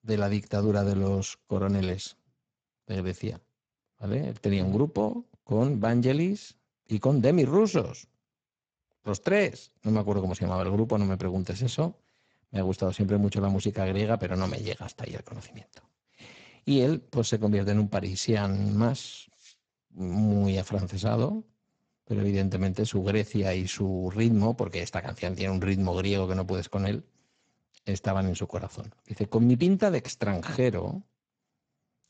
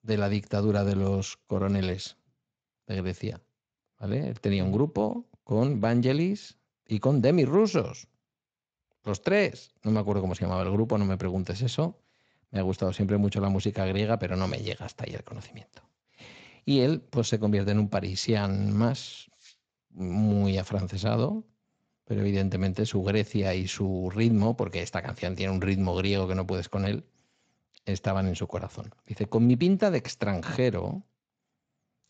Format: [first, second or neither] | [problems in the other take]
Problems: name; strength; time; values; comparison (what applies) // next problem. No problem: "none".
second | garbled, watery; badly; nothing above 7.5 kHz; slightly in the second